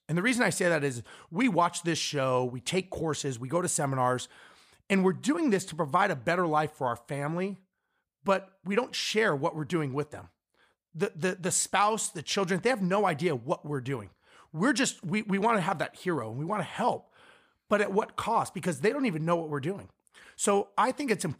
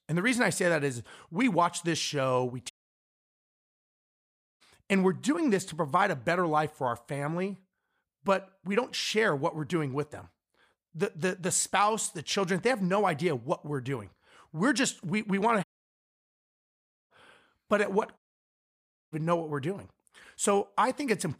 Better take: first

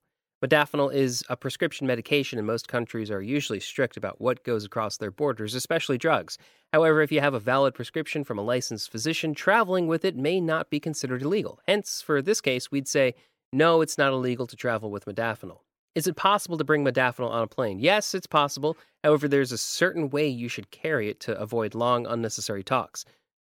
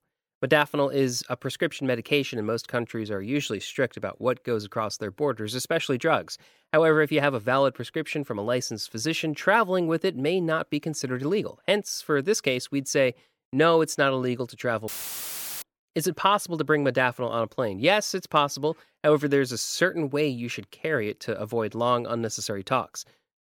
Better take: first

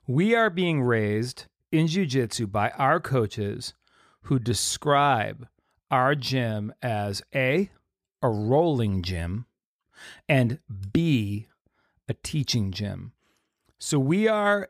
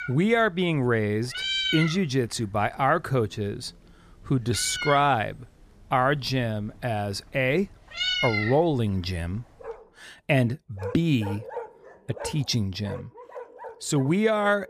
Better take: first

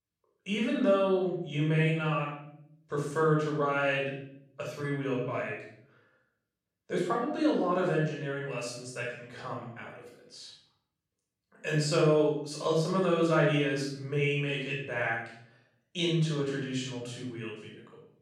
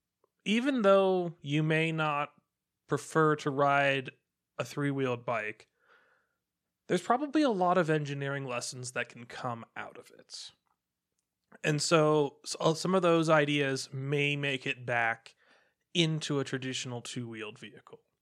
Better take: second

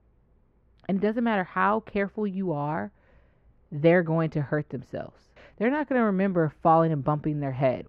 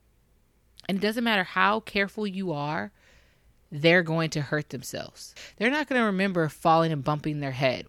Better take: second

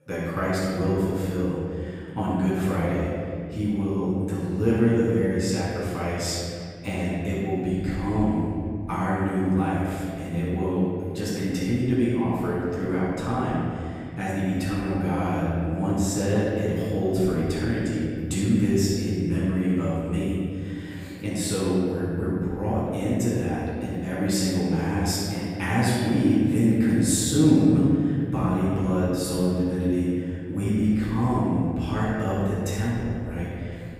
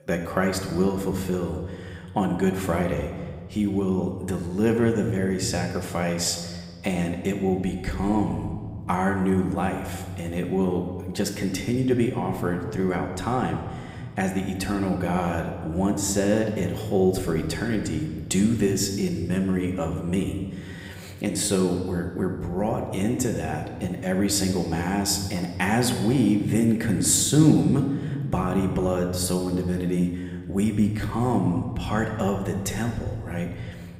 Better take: second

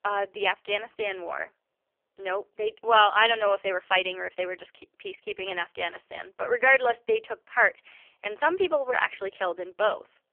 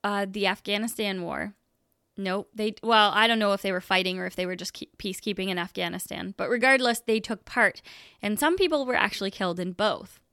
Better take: second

